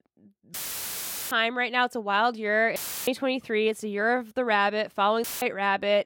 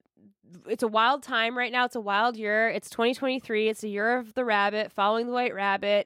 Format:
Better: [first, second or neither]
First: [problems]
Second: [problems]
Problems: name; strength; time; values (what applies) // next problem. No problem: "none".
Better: second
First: audio cutting out; filled with static; at 0.5 s for 1 s, at 3 s and at 5 s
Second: none